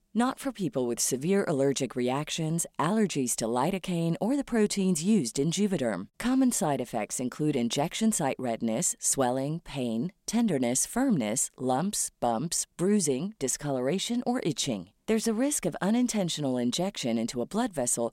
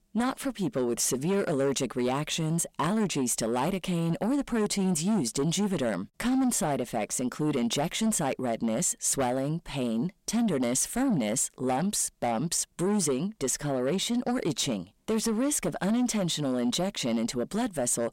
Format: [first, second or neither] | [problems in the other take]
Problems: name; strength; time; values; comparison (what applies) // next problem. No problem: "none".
first | distortion; slight; 10 dB below the speech